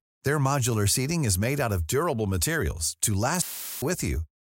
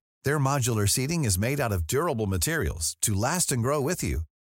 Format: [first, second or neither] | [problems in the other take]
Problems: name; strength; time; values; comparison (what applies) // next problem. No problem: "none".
second | audio cutting out; filled with static; at 3.5 s